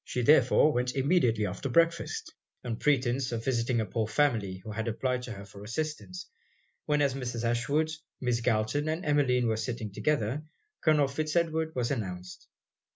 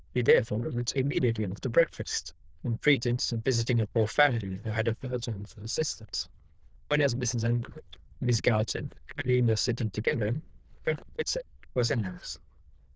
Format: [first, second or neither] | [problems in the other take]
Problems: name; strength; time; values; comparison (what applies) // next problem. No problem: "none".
first | noise reduction (neural diffusion model UNIVERSE++)